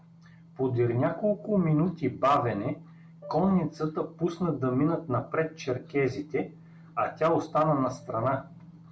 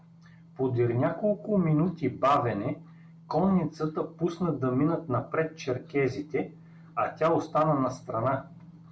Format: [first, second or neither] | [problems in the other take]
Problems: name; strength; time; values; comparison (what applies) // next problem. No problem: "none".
second | background sound (Piano); 17 dB below the speech